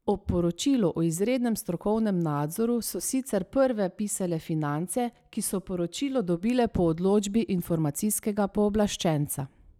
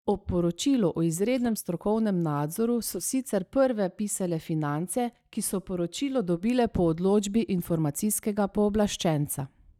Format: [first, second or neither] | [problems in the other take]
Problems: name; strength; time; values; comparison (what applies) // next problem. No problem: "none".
first | noise reduction (neural mask model DeepFilterNet 3)